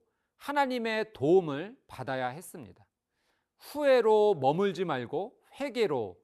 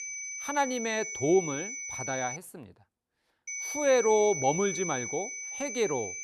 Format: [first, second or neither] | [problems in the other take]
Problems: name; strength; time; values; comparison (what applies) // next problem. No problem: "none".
first | high-pitched whine; loud; until 2.5 s and from 3.5 s on; 6 kHz, 6 dB below the speech